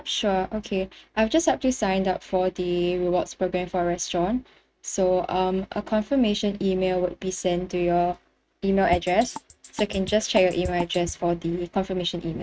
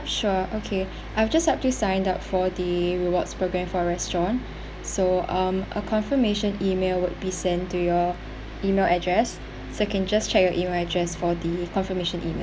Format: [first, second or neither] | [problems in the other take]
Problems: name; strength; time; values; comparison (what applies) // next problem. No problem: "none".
second | noise reduction (neural mask model RNNoise)